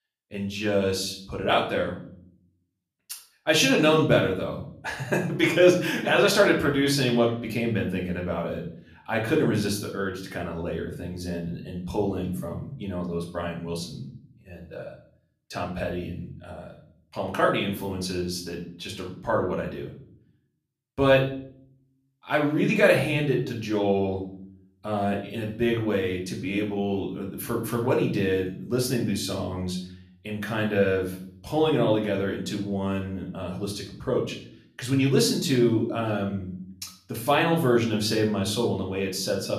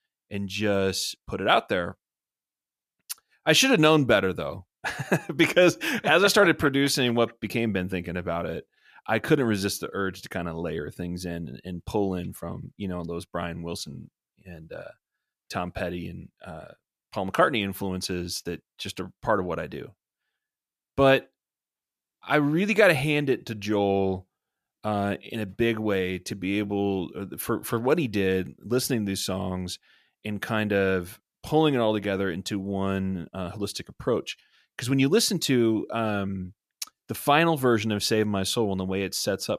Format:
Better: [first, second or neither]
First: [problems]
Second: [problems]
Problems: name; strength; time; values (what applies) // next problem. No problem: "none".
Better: second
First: room echo; slight; dies away in 0.6 s // off-mic speech; far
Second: none